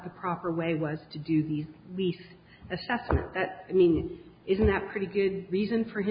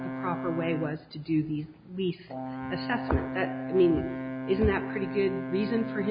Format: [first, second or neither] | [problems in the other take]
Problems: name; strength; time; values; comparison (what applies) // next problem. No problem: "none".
first | background sound (Brass instrument); 6 dB below the speech